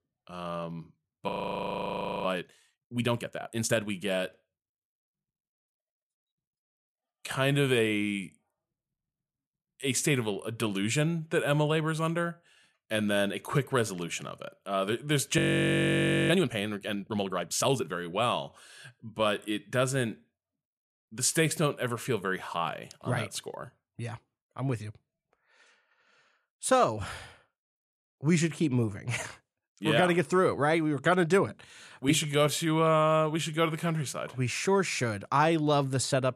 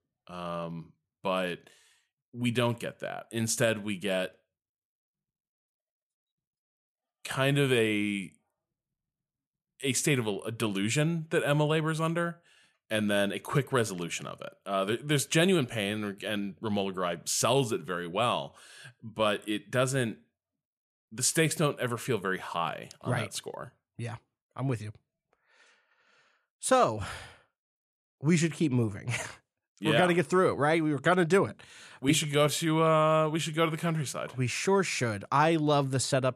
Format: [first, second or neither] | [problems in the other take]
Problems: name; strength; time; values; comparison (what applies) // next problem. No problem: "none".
second | audio freezing; at 1.5 s for 1 s and at 15 s for 1 s